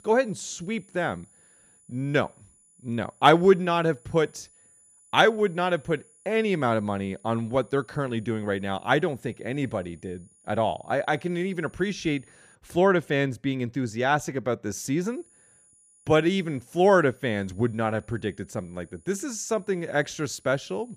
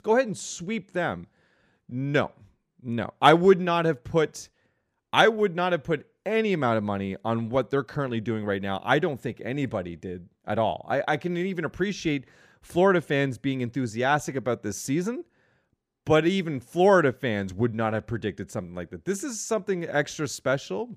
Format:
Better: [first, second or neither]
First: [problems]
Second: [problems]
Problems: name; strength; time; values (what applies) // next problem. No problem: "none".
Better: second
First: high-pitched whine; faint; until 13 s and from 15 s on; 10 kHz, 30 dB below the speech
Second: none